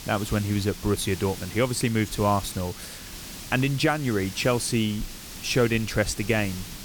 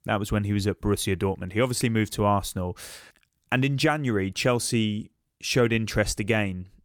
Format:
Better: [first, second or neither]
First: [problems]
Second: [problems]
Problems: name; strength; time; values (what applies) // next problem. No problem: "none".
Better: second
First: hiss; noticeable; throughout; 10 dB below the speech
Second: none